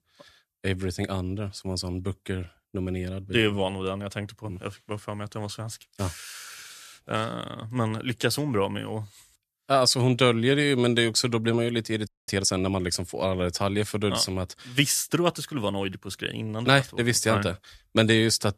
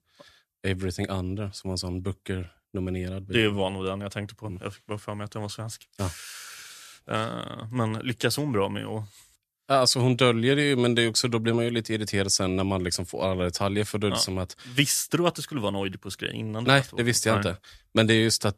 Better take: second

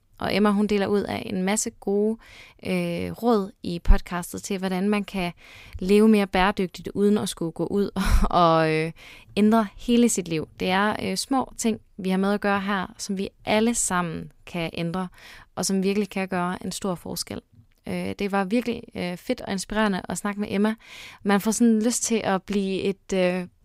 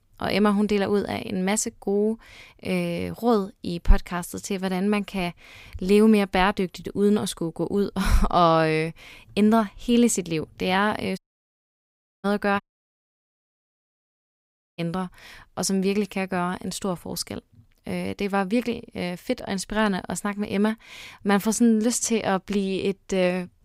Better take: first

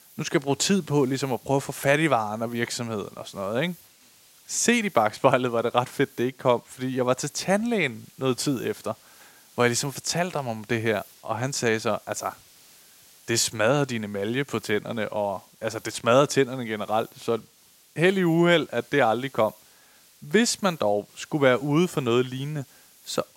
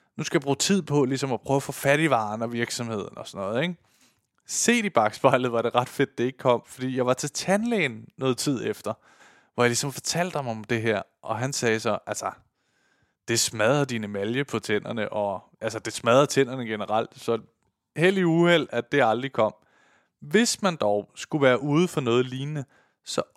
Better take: second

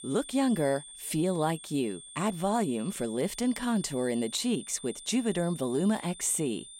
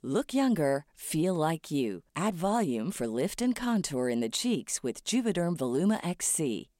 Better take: second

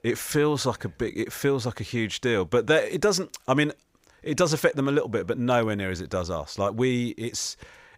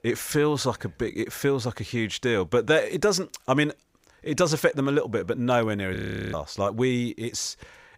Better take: first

